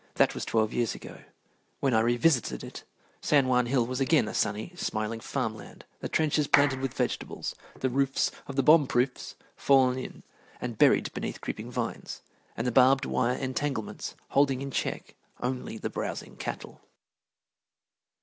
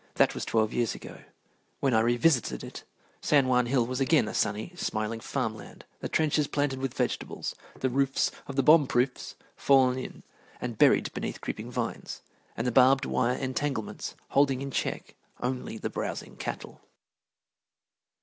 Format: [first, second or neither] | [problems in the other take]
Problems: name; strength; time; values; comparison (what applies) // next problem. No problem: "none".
second | background sound (Clapping); 5 dB below the speech